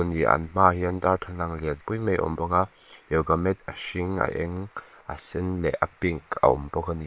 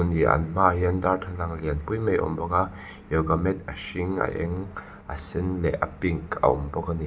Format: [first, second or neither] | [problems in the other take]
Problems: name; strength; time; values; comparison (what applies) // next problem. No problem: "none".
second | noise reduction (neural separator model SepFormer WHAM!)